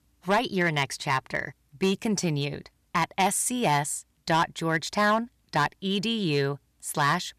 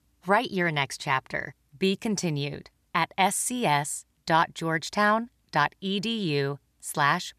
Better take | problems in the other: second | distortion; slight; 3% of the sound clipped

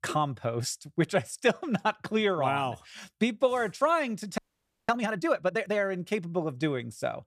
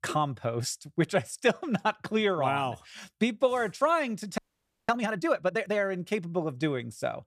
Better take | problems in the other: neither | audio freezing; at 4.5 s for 0.5 s; the same in both

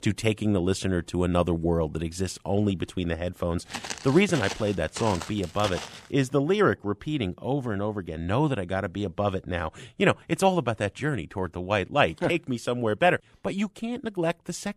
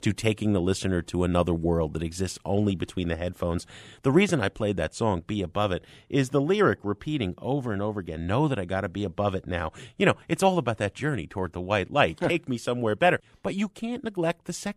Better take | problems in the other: second | footsteps; noticeable; from 3.5 to 6 s; peak 8 dB below the speech

